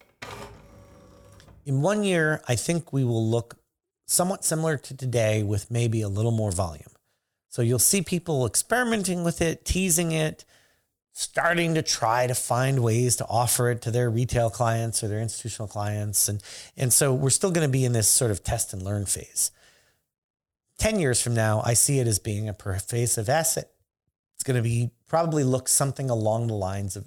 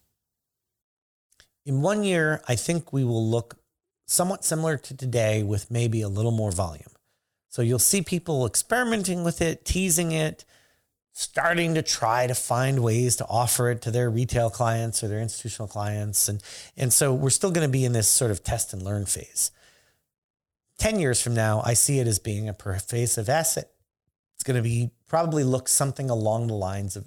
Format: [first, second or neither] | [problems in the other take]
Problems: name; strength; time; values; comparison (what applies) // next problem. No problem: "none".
second | keyboard typing; faint; until 1.5 s; peak 15 dB below the speech